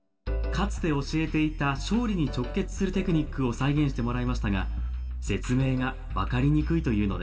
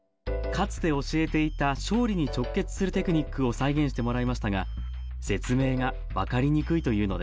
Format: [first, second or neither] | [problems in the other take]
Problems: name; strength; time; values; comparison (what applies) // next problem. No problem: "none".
second | room echo; dies away in 1.8 s